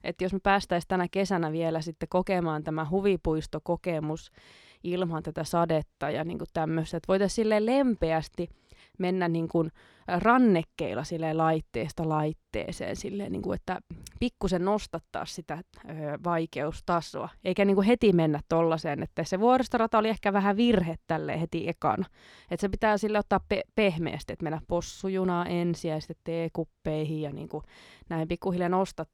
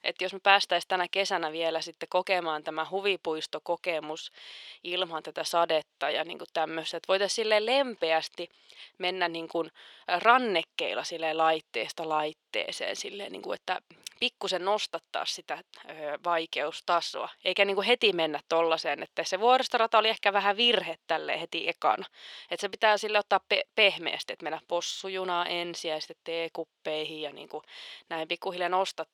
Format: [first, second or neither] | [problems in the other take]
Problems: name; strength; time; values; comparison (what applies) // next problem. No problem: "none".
first | thin; very; fading below 600 Hz